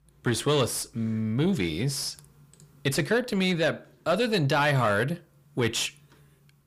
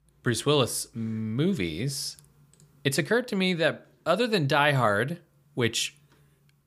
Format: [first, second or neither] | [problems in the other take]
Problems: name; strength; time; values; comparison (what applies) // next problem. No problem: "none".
second | distortion; slight; 10 dB below the speech